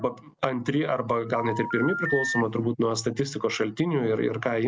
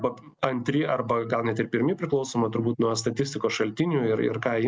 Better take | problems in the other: second | background sound (Telephone); 5 dB below the speech

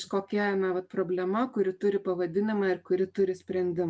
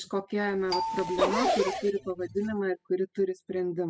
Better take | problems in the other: first | noise reduction (classical method spectral subtraction)

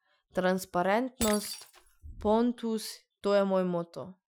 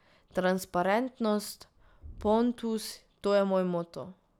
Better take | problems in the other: second | noise reduction (classical method Wiener filter)

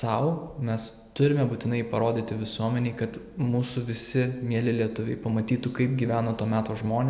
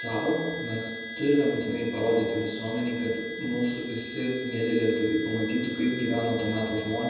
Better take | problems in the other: first | background sound (Harmonica); 11 dB below the speech // room echo; dies away in 1 s

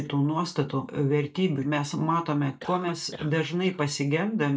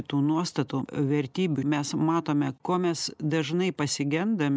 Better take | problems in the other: second | noise reduction (neural mask model DeepFilterNet 3)

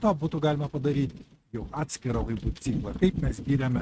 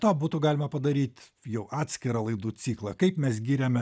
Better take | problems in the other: second | noise reduction (neural mask model RNNoise)

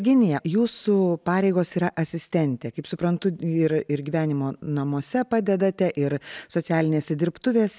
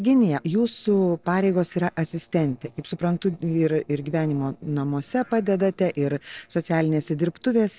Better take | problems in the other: first | noise reduction (neural separator model SepFormer DNS4)

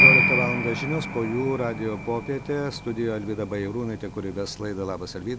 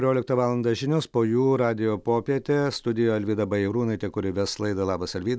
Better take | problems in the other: second | background sound (Piano); 2 dB above the speech

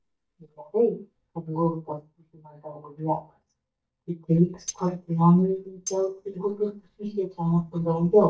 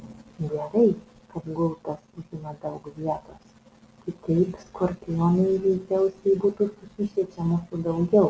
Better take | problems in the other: second | noise reduction (neural mask model DeepFilterNet 3)

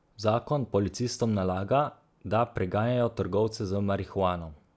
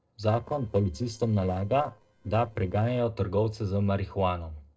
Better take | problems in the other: first | noise reduction (neural separator model SepFormer DNS4)

